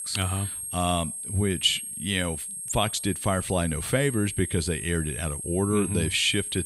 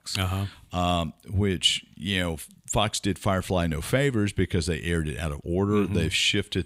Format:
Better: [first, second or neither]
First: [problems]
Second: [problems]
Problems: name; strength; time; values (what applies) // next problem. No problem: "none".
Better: second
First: high-pitched whine; loud; throughout; 8.5 kHz, 6 dB below the speech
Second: none